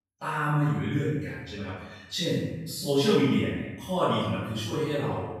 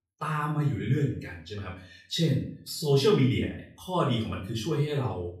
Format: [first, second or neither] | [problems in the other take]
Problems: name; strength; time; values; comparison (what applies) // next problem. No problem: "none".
second | room echo; strong; dies away in 1 s; slight in the second // off-mic speech; far; far in the second